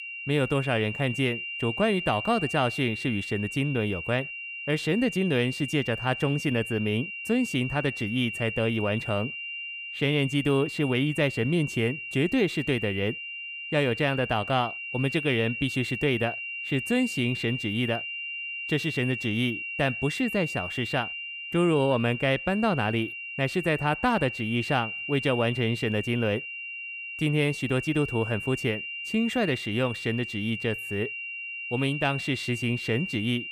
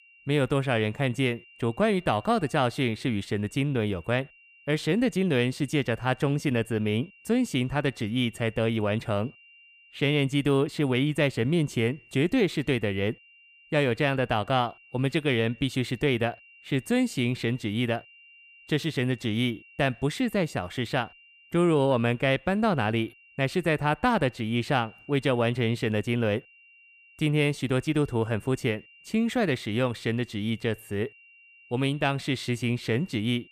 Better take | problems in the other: second | high-pitched whine; loud; throughout; 3 kHz, 6 dB below the speech; faint in the second

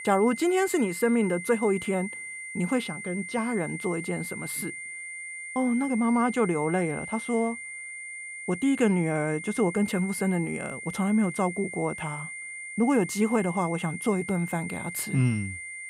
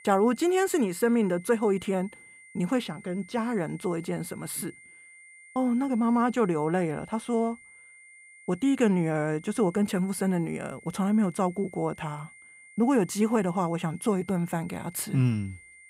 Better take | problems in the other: second | high-pitched whine; loud; throughout; 2 kHz, 9 dB below the speech; faint in the second

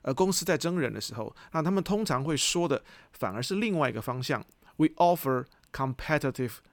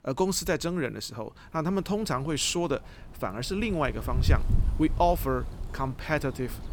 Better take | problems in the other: first | wind noise on the microphone; occasional gusts; 20 dB below the speech

